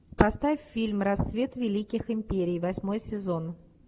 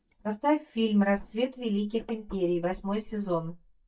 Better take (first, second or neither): first